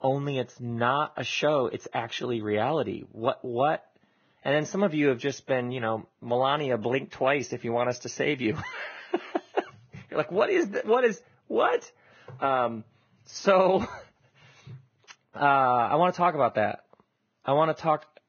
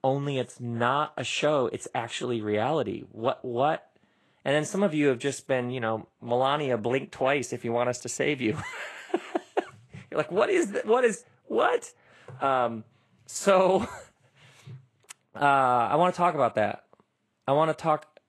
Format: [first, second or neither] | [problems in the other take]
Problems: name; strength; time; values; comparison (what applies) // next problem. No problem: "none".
second | garbled, watery; badly; nothing above 6.5 kHz; slightly in the second